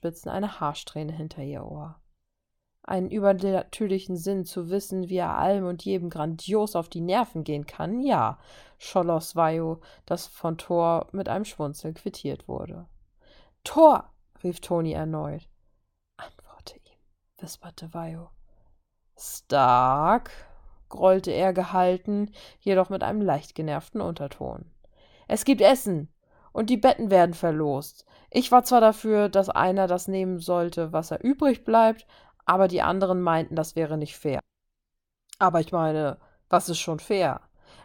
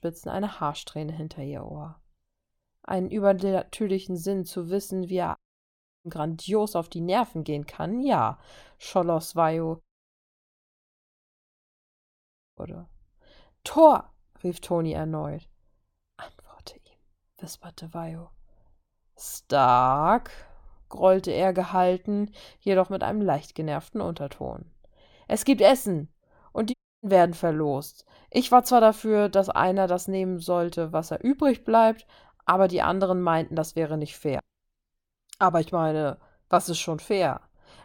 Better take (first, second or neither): first